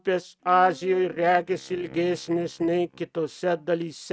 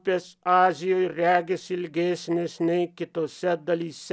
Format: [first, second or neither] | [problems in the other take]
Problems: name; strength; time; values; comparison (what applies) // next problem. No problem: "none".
second | noise reduction (neural mask model RNNoise)